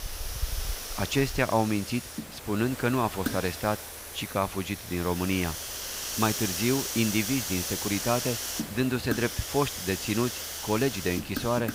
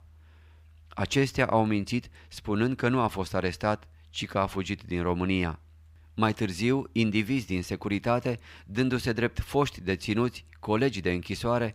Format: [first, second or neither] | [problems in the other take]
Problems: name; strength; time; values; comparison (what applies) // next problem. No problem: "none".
second | hiss; loud; throughout; 4 dB below the speech